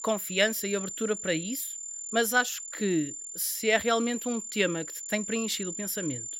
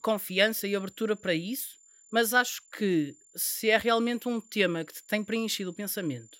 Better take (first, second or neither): second